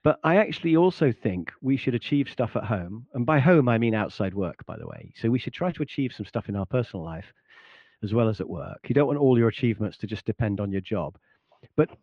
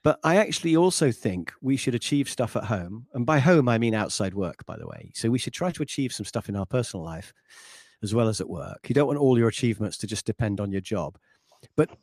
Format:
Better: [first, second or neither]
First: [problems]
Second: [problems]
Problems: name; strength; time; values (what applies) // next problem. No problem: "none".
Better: second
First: muffled; very; fading above 3 kHz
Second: none